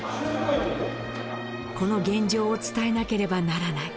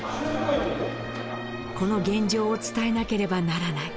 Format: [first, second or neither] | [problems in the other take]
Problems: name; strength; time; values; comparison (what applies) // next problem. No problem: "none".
first | background sound (Meow); 20 dB below the speech